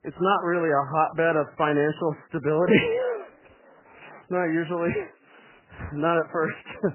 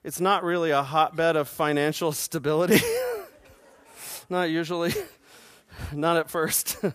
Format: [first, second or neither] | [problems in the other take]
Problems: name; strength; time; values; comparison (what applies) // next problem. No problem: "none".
second | garbled, watery; badly; nothing above 3 kHz